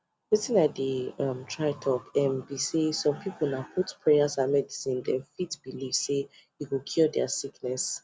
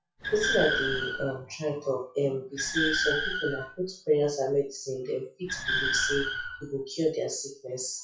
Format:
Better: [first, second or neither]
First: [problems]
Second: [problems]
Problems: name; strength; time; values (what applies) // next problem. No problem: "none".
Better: first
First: none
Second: noise reduction (classical method WPE with log-MMSE)